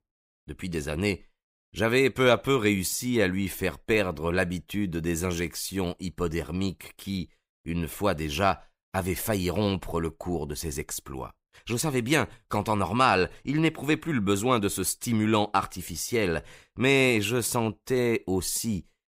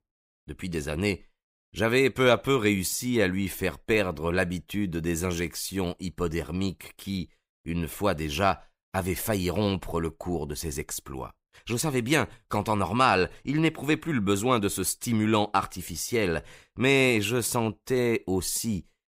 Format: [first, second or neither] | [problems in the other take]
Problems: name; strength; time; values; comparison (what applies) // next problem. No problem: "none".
neither | none